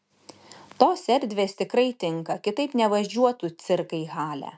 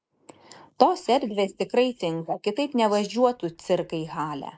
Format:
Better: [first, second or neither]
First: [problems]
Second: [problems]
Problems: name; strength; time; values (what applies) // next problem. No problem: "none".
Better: first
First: none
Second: noise reduction (neural mask model Resemble Enhance denoiser)